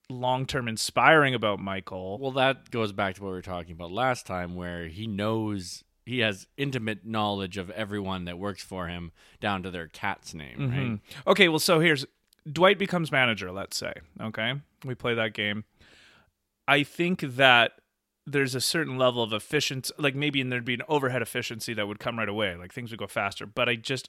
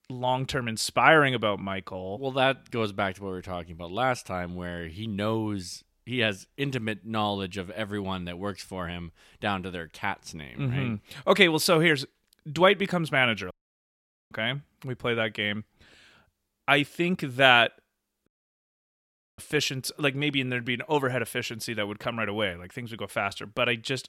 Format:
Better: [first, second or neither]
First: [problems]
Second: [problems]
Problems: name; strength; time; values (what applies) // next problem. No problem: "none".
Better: first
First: none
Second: audio cutting out; at 14 s for 1 s and at 18 s for 1 s